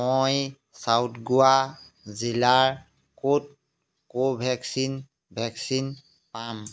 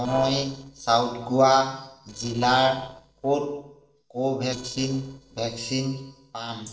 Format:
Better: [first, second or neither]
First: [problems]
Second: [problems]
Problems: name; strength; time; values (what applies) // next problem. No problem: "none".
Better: first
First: none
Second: noise reduction (neural separator model SepFormer DNS4)